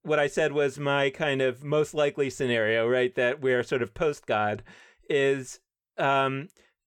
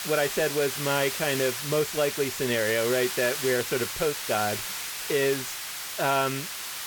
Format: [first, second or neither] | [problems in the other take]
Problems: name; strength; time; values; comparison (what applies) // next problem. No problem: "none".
first | hiss; loud; throughout; 4 dB below the speech